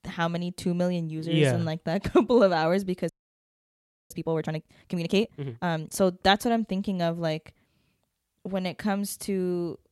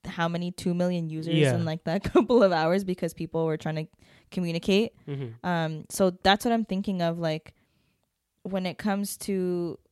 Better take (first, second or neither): second